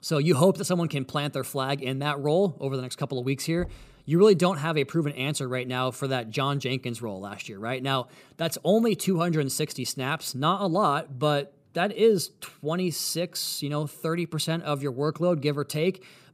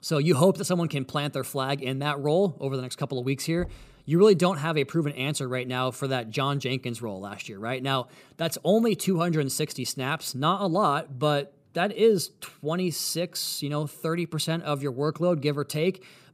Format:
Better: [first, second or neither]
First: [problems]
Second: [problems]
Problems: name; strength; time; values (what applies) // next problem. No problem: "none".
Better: neither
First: door banging; faint; at 3.5 s; peak 15 dB below the speech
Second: door banging; faint; at 3.5 s; peak 15 dB below the speech